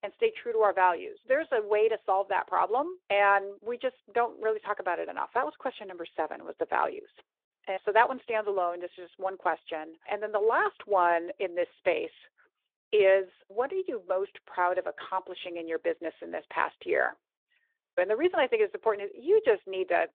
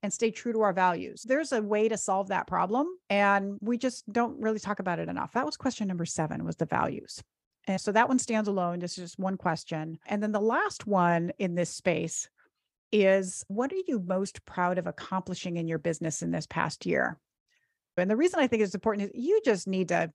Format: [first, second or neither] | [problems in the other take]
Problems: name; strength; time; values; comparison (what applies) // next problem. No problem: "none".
second | phone-call audio